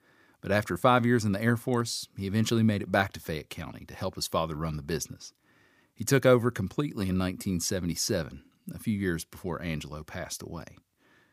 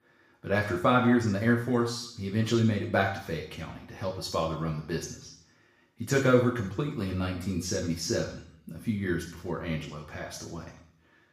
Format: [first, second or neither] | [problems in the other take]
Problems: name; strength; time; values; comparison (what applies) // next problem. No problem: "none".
first | room echo; noticeable; dies away in 0.6 s // off-mic speech; far